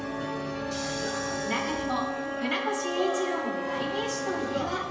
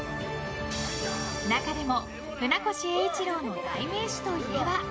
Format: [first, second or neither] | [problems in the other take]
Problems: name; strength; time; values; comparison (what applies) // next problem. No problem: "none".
second | background sound (Wind instrument, woodwind instrument); 2 dB below the speech // room echo; dies away in 1 s